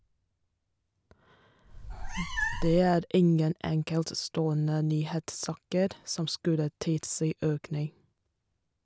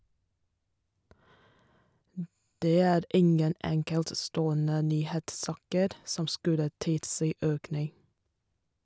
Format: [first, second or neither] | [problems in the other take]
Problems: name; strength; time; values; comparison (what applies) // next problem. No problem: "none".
second | background sound (Meow); 4 dB below the speech